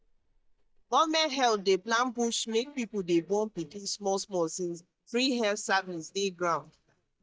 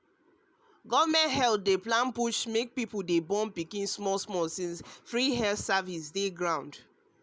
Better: second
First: noise reduction (neural mask model DeepFilterNet 3)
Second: none

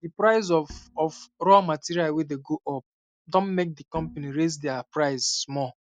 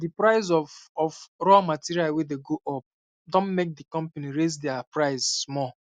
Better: second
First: noise reduction (neural mask model DeepFilterNet 3)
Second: none

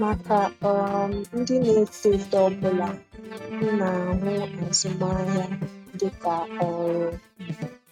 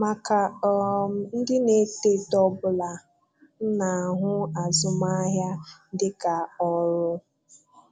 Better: second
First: noise reduction (neural mask model RNNoise)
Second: none

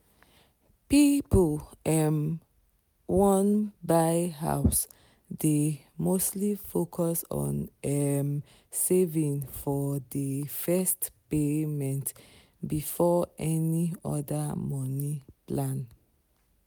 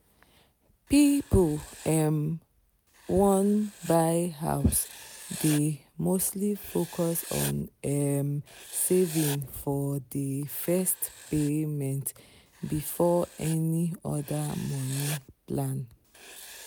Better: first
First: none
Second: background sound (Writing); 17 dB below the speech

